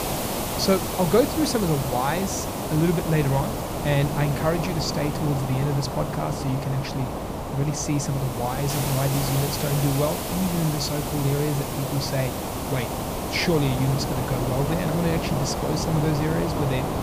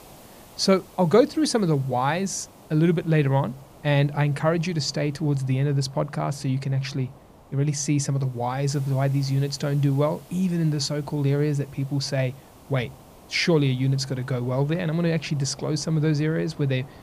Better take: second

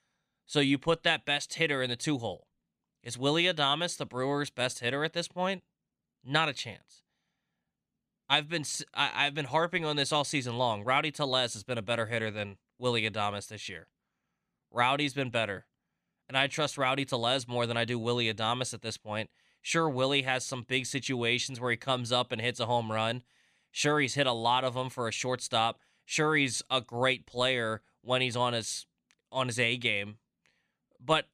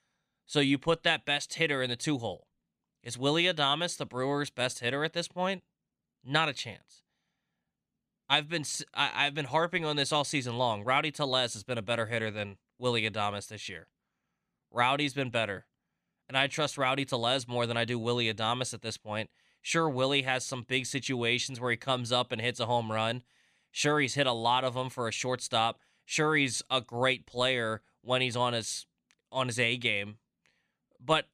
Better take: neither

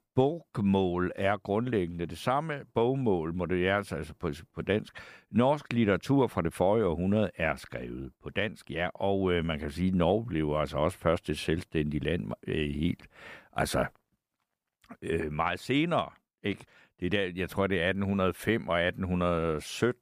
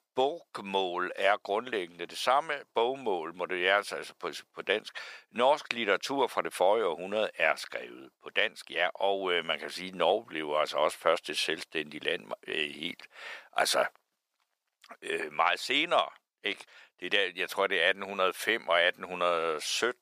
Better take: first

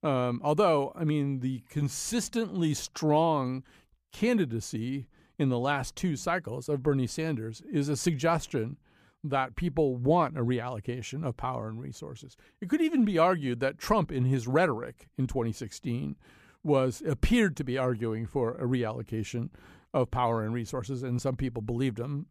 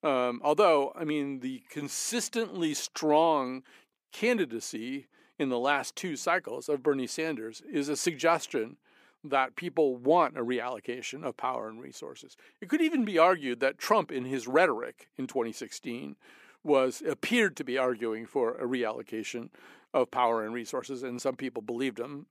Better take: first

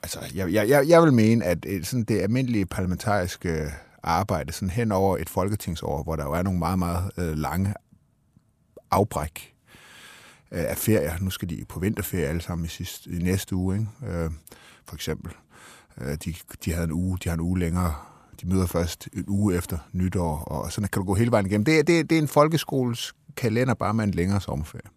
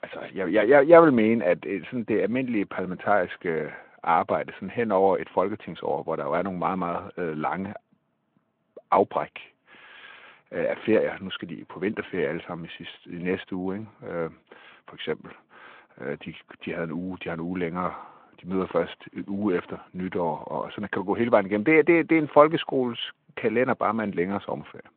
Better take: first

